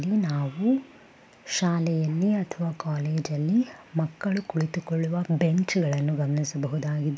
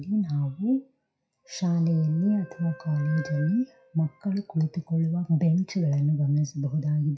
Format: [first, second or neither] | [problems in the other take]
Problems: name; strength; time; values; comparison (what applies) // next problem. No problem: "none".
first | noise reduction (classical method WPE with log-MMSE)